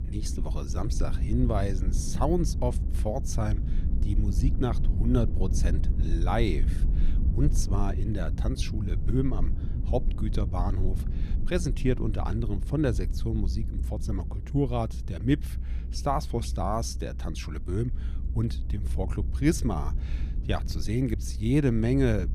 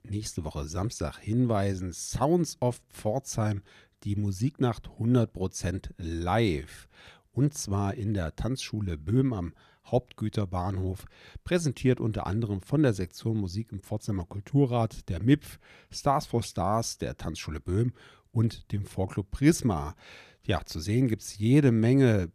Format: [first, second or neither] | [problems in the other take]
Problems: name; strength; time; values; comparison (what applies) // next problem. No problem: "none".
second | low rumble; noticeable; throughout; 15 dB below the speech